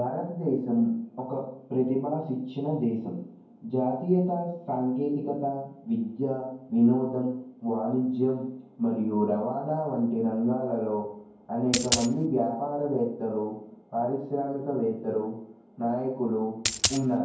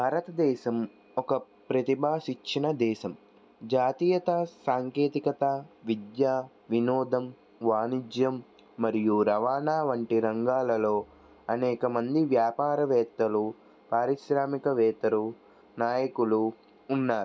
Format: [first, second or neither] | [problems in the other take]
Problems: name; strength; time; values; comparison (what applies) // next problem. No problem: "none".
second | background sound (Coin (dropping)); as loud as the speech // room echo; dies away in 0.9 s